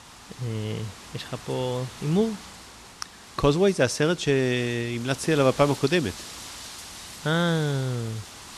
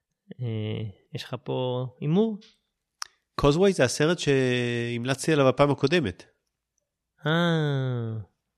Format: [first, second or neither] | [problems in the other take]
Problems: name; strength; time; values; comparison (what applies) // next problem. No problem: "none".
second | wind noise on the microphone; occasional gusts; 15 dB below the speech